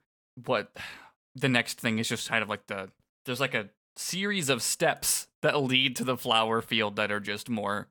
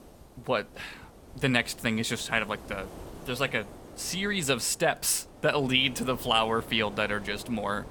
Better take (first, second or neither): first